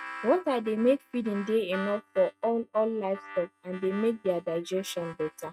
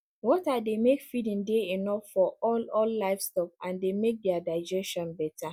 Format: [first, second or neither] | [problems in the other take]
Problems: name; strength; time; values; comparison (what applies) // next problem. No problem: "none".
second | noise reduction (neural mask model RNNoise)